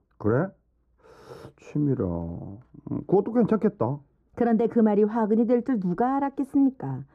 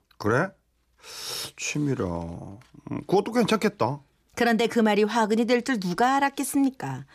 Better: second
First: muffled; very; fading above 1.5 kHz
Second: none

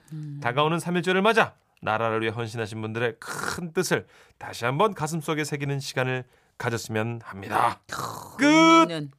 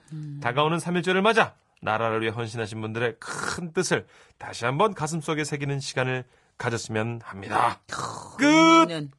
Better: first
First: none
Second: garbled, watery; slightly; nothing above 10.5 kHz

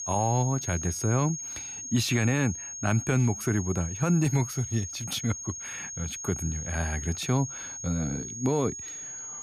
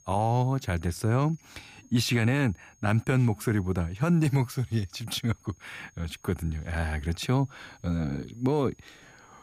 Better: second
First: high-pitched whine; loud; throughout; 6.5 kHz, 7 dB below the speech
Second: high-pitched whine; faint; throughout; 6.5 kHz, 30 dB below the speech

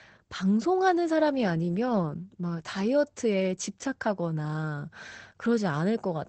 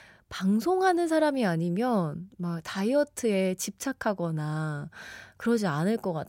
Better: second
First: garbled, watery; badly; nothing above 8 kHz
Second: none

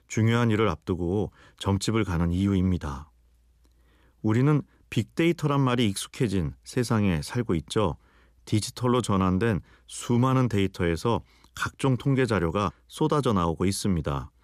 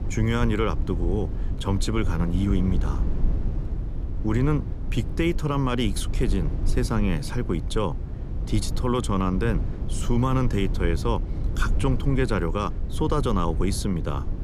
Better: first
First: none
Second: low rumble; noticeable; throughout; 15 dB below the speech

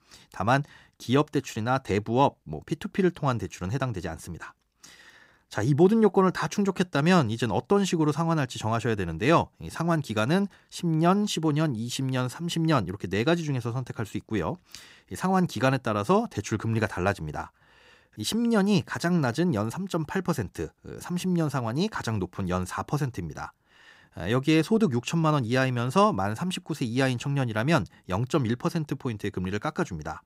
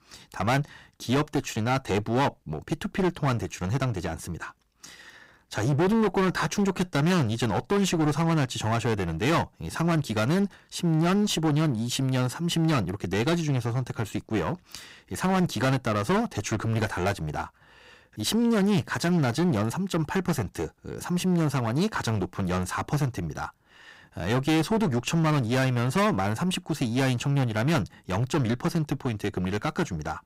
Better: first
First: none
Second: distortion; heavy; 17% of the sound clipped

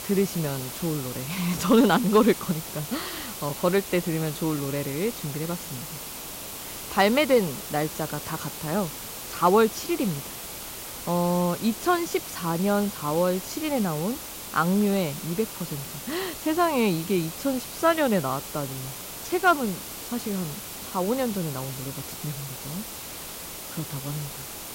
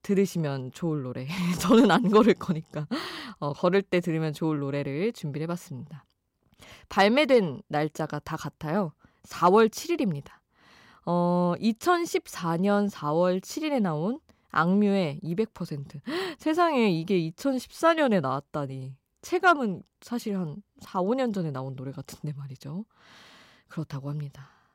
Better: second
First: hiss; loud; throughout; 9 dB below the speech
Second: none

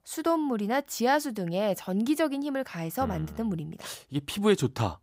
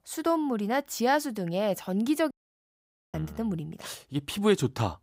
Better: first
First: none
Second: audio cutting out; at 2.5 s for 1 s

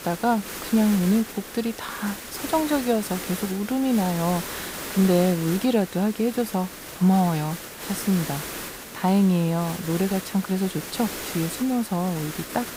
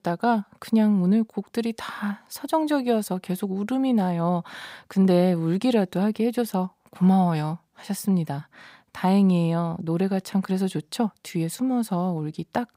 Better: second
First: hiss; loud; throughout; 9 dB below the speech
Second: none

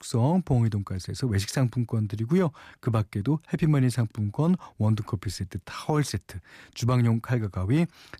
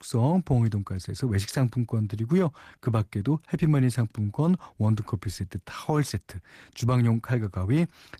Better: first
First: none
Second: garbled, watery; slightly; nothing above 14.5 kHz

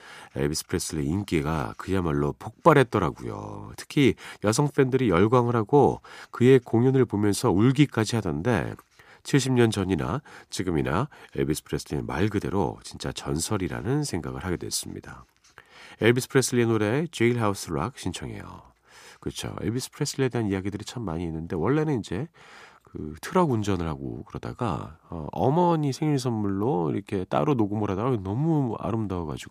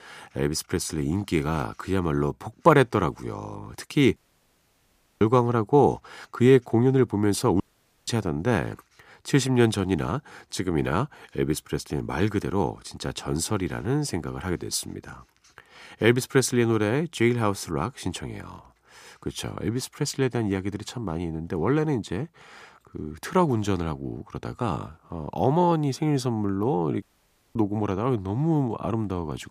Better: first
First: none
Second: audio cutting out; at 4 s for 1 s, at 7.5 s and at 27 s for 0.5 s

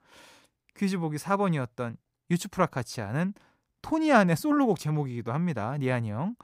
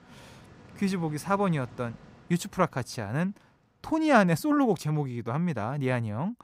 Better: first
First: none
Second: rain or running water; faint; throughout; 25 dB below the speech

